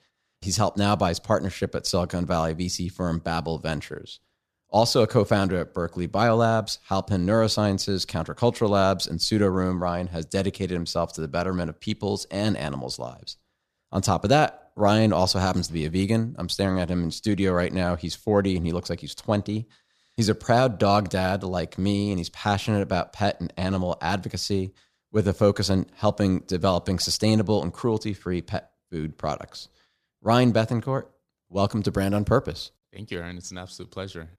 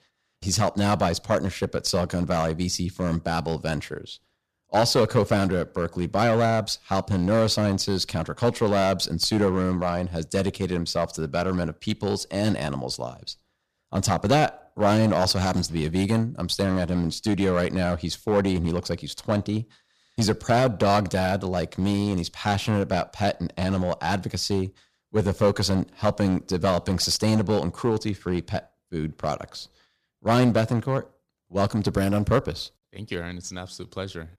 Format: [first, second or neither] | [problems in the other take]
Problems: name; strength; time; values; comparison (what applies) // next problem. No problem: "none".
first | distortion; slight; 4% of the sound clipped